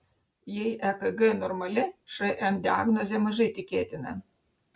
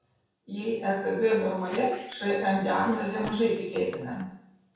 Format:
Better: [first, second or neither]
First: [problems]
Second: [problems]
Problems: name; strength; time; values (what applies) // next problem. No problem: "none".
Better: first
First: none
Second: background sound (Squeak); 18 dB below the speech // room echo; dies away in 0.7 s